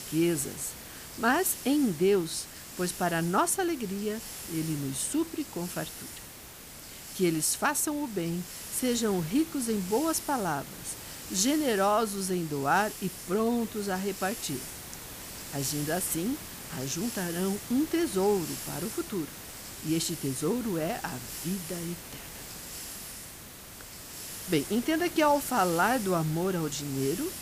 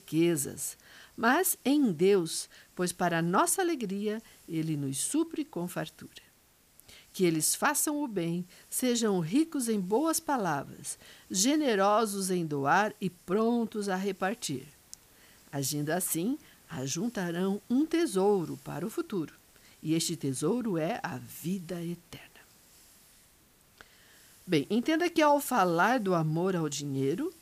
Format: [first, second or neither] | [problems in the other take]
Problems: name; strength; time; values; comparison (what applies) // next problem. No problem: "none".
second | hiss; loud; throughout; 10 dB below the speech; faint in the second